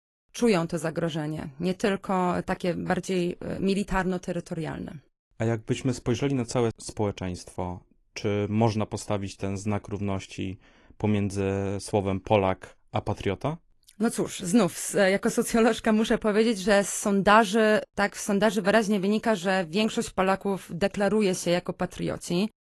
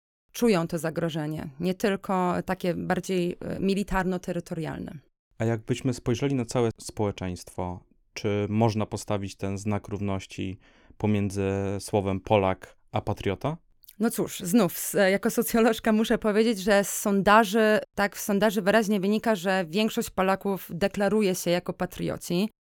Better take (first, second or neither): second